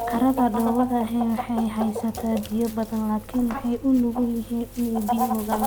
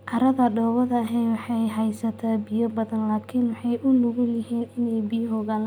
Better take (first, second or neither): second